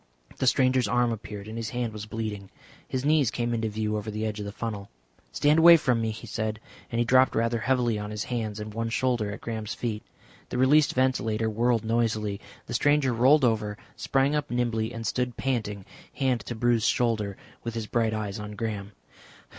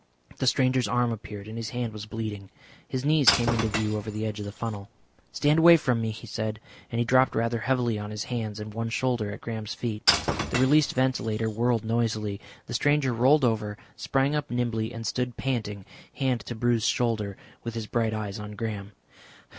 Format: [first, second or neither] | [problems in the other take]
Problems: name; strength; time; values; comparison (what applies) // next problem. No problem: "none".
first | background sound (Shatter / Crushing); 5 dB below the speech